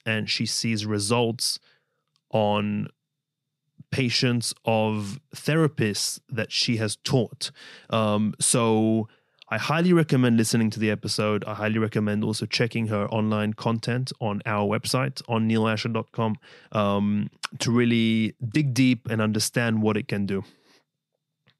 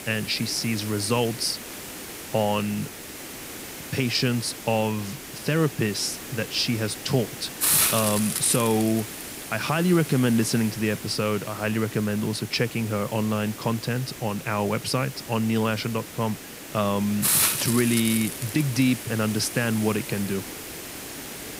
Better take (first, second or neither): first